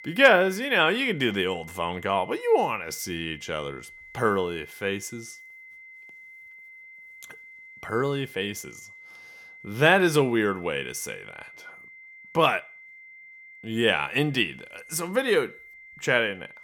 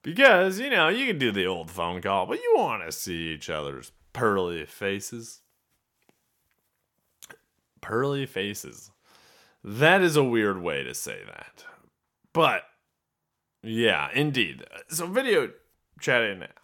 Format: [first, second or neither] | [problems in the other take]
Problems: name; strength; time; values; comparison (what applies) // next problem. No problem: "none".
second | high-pitched whine; noticeable; throughout; 2 kHz, 20 dB below the speech